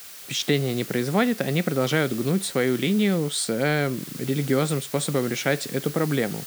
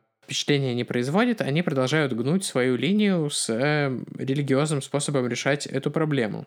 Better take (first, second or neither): second